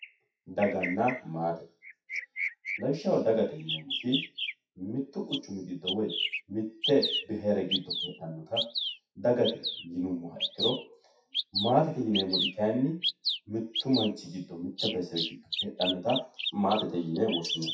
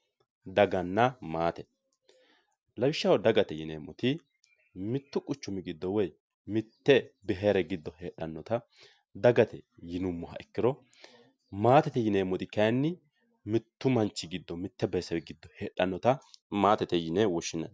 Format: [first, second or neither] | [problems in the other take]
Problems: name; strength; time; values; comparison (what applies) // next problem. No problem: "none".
second | noise reduction (classical method WPE with log-MMSE)